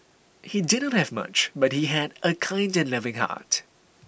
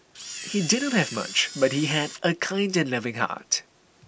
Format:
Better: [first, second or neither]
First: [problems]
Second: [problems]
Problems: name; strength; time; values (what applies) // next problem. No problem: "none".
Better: first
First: none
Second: background sound (Camera); 11 dB below the speech